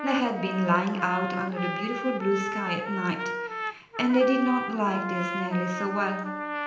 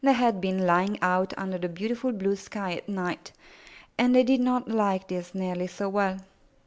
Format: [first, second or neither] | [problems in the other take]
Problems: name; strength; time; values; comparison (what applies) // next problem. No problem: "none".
second | background sound (Trumpet); 5 dB below the speech // room echo; dies away in 0.8 s